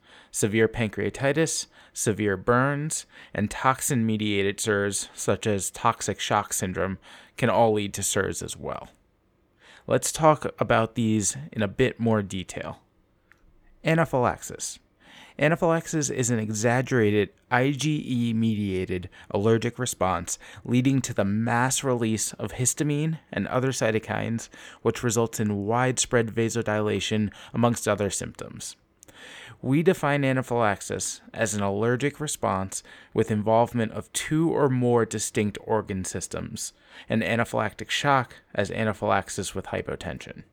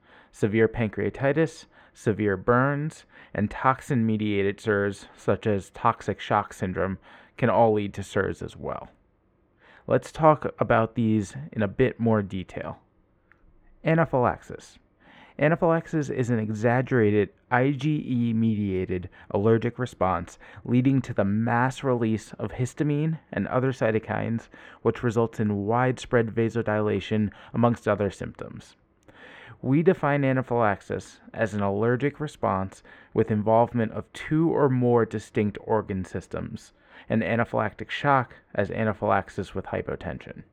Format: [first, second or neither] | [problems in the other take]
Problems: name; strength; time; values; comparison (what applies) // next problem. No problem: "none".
first | muffled; very; fading above 4 kHz